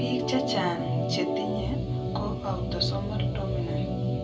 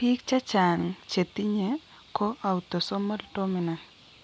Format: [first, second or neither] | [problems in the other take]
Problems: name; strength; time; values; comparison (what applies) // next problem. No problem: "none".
second | background sound (Organ); 4 dB above the speech // room echo; dies away in 0.2 s